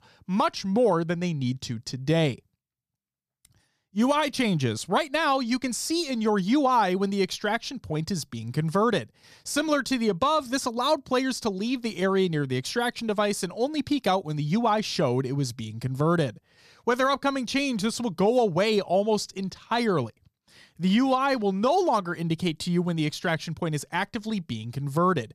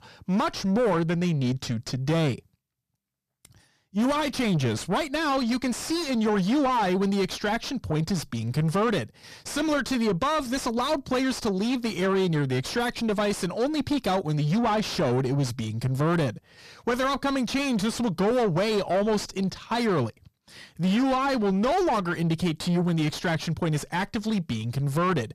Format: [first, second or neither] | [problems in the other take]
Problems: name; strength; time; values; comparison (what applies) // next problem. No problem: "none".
first | distortion; heavy; 6 dB below the speech